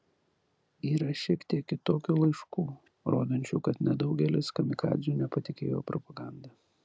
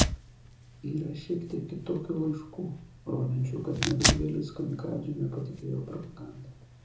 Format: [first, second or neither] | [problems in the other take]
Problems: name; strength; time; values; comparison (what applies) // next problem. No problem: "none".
first | background sound (Tearing); 1 dB below the speech // room echo; dies away in 0.5 s